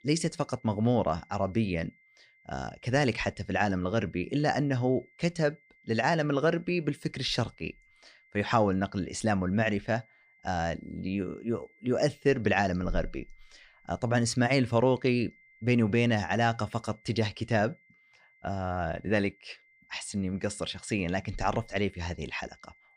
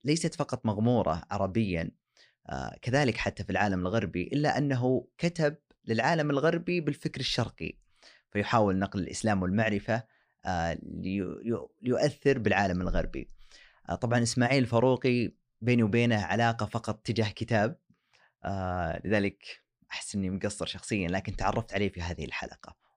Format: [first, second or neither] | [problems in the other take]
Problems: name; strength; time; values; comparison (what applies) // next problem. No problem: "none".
second | high-pitched whine; faint; throughout; 2 kHz, 30 dB below the speech